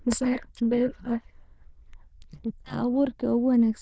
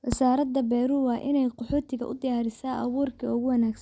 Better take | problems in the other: second | noise reduction (neural diffusion model UNIVERSE++)

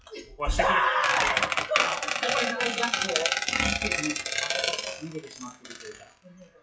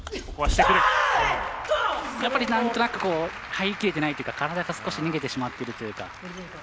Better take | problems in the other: second | noise reduction (classical method WPE with log-MMSE)

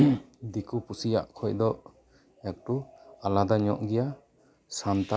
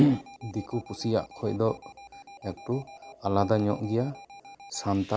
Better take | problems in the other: first | background sound (Alarm); 19 dB below the speech

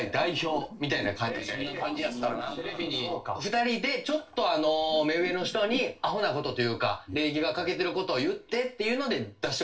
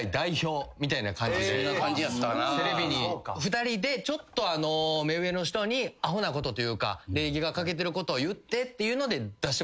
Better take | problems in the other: second | noise reduction (neural separator model SepFormer DNS4)

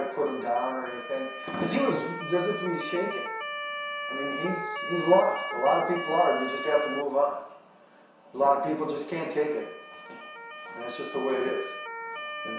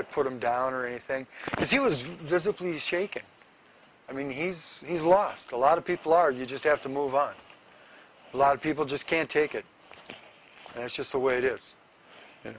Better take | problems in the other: second | background sound (Motor vehicle (road) / Siren); 8 dB below the speech // room echo; dies away in 0.7 s

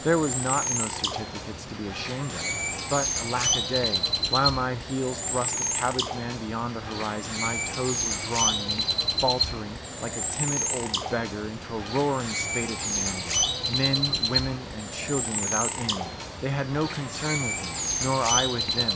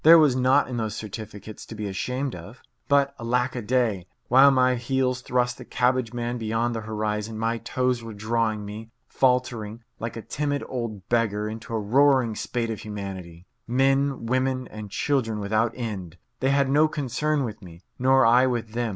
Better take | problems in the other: second | background sound (Bird); 1 dB above the speech

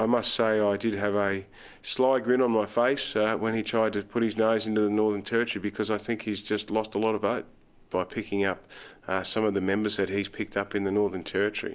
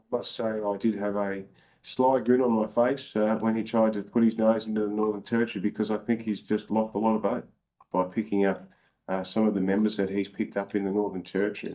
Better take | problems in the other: first | noise reduction (neural mask model DeepFilterNet 3)

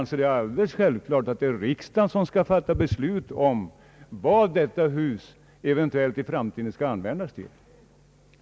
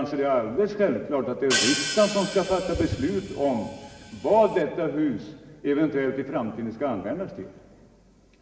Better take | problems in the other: first | background sound (Hi-hat); 6 dB below the speech // room echo; dies away in 2.6 s

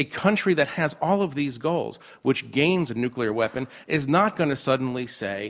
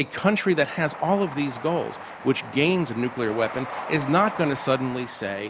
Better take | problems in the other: first | background sound (Train); 12 dB below the speech

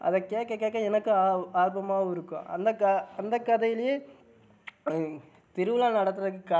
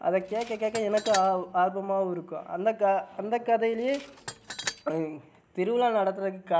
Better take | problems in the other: first | background sound (Tools); 12 dB below the speech

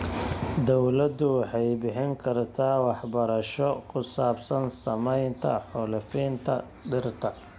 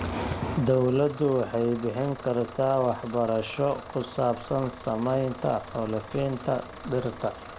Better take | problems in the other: first | background sound (Bus / Engine); 16 dB below the speech

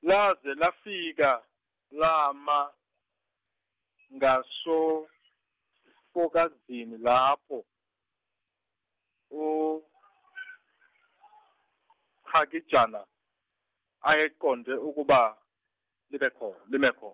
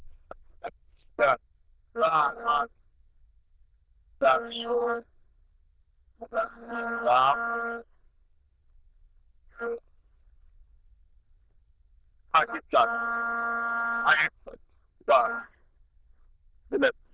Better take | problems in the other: first | noise reduction (neural diffusion model UNIVERSE++)

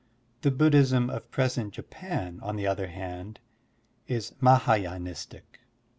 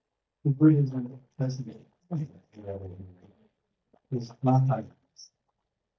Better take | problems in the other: first | noise reduction (neural mask model DeepFilterNet 3)

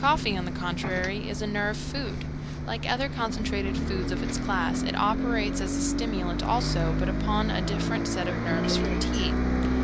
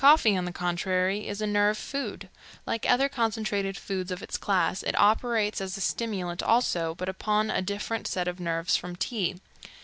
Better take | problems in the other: second | background sound (Bus); 3 dB above the speech

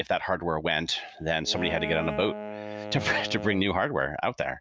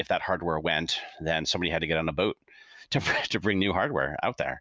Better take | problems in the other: second | background sound (Wind instrument, woodwind instrument); 10 dB below the speech

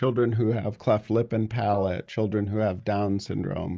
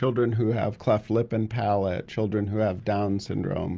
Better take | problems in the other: second | noise reduction (neural mask model DeepFilterNet 3)

